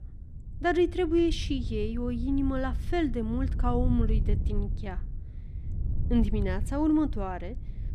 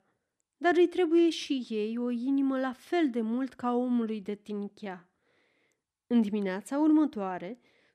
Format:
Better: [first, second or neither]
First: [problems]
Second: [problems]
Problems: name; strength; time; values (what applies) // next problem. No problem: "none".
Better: second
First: wind noise on the microphone; occasional gusts; 20 dB below the speech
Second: none